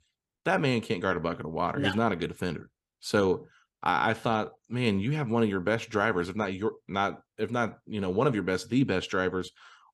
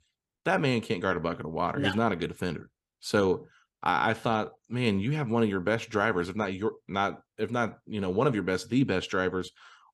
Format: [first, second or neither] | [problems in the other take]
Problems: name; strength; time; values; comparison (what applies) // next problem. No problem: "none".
neither | none